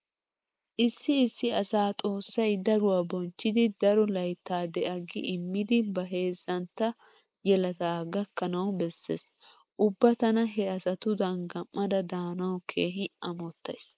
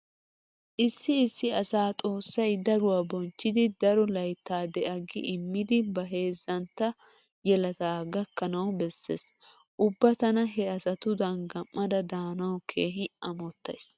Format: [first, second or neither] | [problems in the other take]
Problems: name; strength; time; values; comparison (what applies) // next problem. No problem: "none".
second | noise reduction (neural mask model Resemble Enhance denoiser)